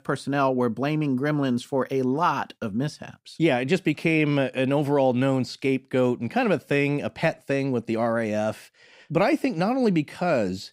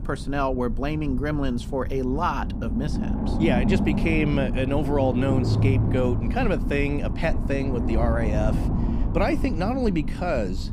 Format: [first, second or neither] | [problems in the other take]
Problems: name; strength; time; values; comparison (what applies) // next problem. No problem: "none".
first | low rumble; loud; throughout; 7 dB below the speech